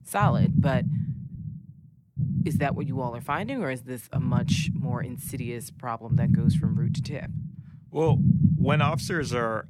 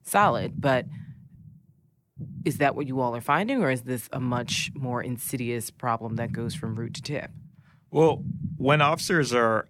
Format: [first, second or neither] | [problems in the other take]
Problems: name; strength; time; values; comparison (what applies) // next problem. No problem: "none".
second | low rumble; loud; throughout; 5 dB below the speech; faint in the second